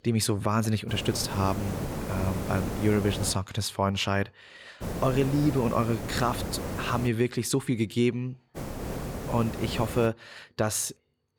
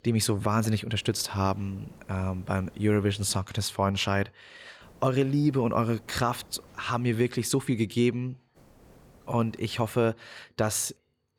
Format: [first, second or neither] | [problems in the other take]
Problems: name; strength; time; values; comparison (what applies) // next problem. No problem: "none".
second | hiss; loud; from 1 to 3.5 s, from 5 to 7 s and from 8.5 to 10 s; 7 dB below the speech; faint in the second